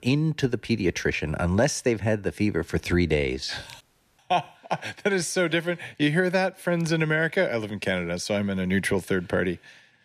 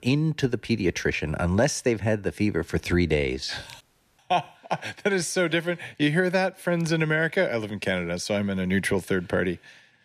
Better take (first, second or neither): neither